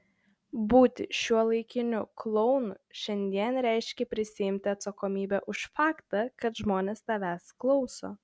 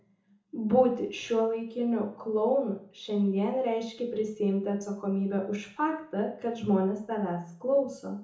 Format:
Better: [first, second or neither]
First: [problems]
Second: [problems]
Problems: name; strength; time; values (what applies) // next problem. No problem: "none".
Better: first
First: none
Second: room echo; dies away in 0.7 s